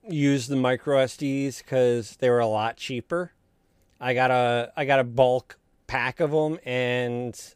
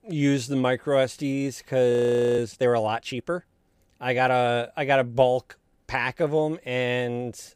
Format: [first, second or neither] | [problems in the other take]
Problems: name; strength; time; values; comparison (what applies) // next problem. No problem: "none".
first | audio freezing; at 2 s